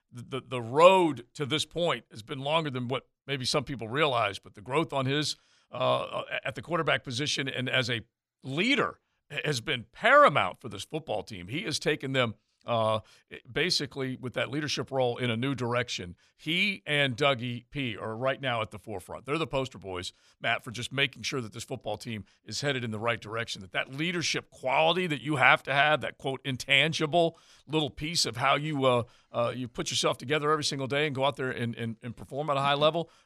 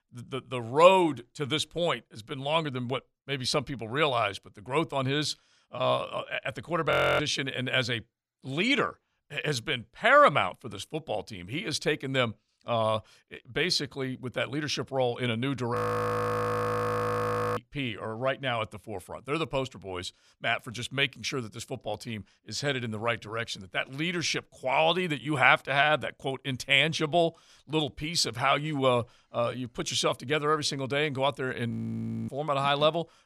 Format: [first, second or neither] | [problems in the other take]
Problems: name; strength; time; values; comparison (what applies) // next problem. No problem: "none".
first | audio freezing; at 7 s, at 16 s for 2 s and at 32 s for 0.5 s